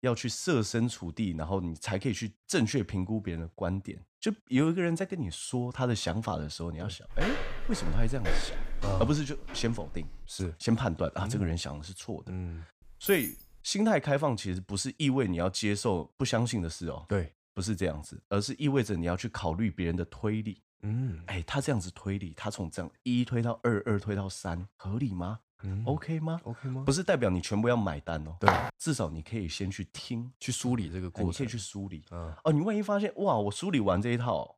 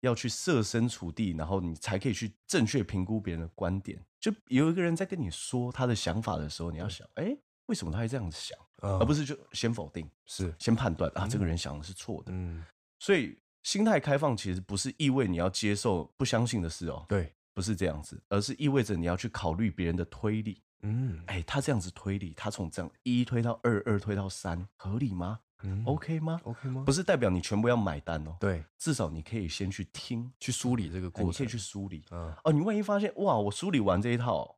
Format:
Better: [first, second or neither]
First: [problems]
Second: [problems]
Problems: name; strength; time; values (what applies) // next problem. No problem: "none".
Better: second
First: footsteps; noticeable; from 7 to 10 s; peak 3 dB below the speech // jangling keys; noticeable; at 13 s; peak 4 dB below the speech // footsteps; loud; at 28 s; peak 5 dB above the speech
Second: none